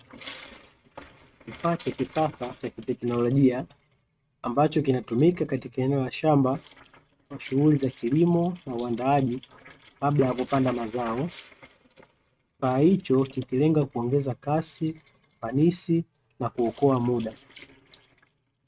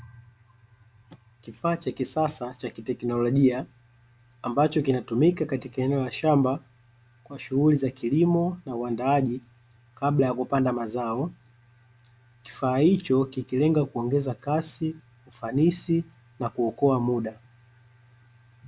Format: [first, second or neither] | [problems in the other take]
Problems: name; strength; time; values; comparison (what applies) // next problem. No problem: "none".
second | noise reduction (neural mask model RNNoise)